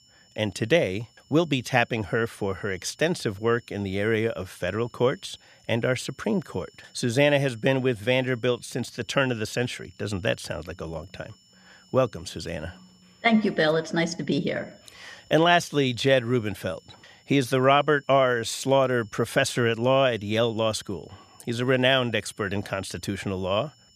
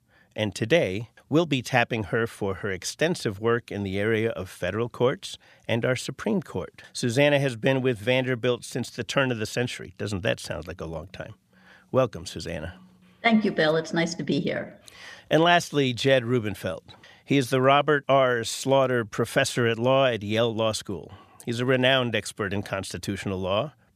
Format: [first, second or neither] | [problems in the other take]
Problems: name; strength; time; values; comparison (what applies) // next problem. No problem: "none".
second | high-pitched whine; faint; throughout; 5.5 kHz, 30 dB below the speech